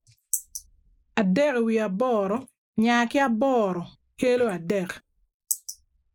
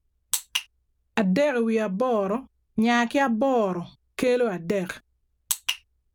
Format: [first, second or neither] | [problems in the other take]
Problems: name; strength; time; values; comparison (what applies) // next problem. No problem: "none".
second | noise reduction (neural mask model Resemble Enhance denoiser)